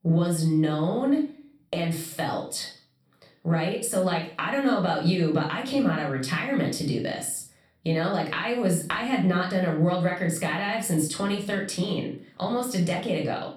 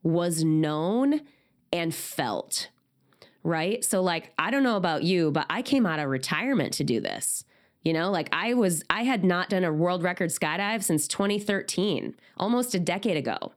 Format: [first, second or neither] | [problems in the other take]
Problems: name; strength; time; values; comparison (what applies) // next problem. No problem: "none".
second | off-mic speech; far // room echo; slight; dies away in 0.4 s